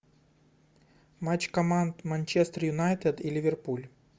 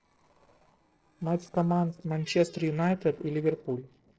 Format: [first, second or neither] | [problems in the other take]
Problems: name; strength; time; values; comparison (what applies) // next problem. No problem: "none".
first | noise reduction (neural separator model SepFormer DNS4)